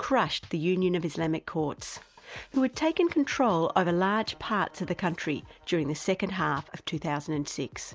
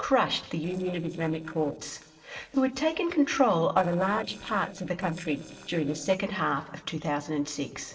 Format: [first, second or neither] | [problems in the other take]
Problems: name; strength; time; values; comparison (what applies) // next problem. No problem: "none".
first | noise reduction (neural separator model SepFormer DNS4)